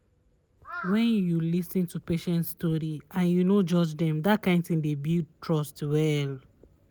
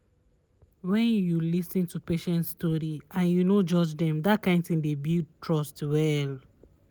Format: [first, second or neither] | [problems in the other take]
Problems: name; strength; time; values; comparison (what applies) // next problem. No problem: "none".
second | background sound (Crow); 18 dB below the speech